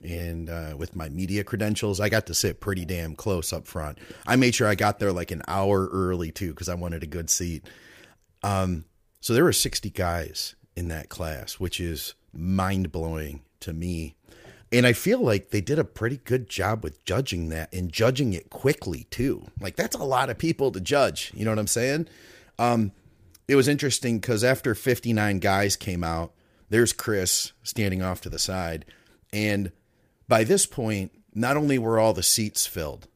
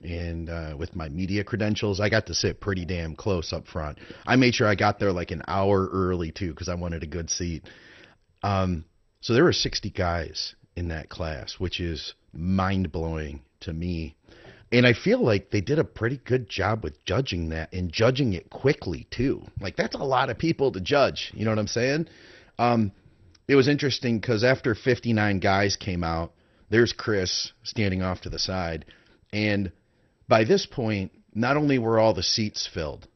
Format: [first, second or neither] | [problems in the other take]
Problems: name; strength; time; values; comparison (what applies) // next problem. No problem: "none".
first | garbled, watery; slightly; nothing above 6 kHz